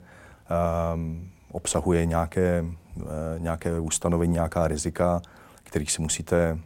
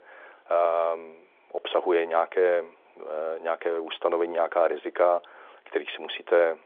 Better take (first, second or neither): first